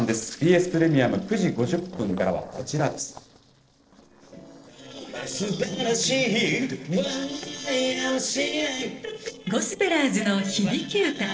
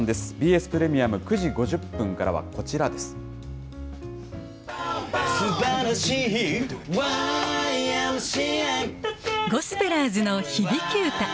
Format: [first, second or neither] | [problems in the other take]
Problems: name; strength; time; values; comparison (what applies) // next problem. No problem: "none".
second | noise reduction (neural separator model SepFormer DNS4)